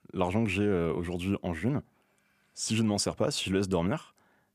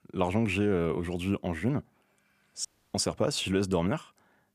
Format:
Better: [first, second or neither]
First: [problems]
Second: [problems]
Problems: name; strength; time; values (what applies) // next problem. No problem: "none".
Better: first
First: none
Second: audio cutting out; at 2.5 s